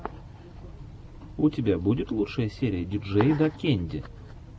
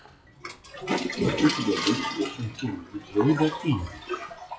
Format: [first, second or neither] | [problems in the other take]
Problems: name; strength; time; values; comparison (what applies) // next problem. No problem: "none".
first | noise reduction (classical method log-MMSE)